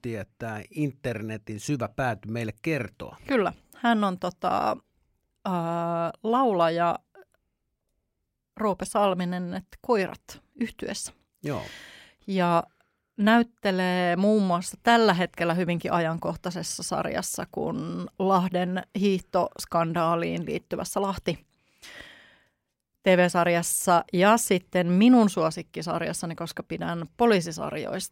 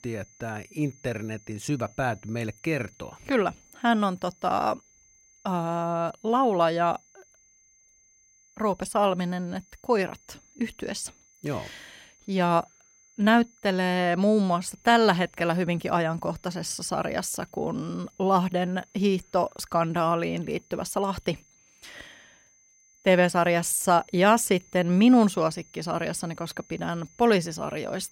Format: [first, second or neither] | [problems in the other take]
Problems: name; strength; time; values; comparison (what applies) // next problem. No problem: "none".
first | high-pitched whine; faint; throughout; 6.5 kHz, 30 dB below the speech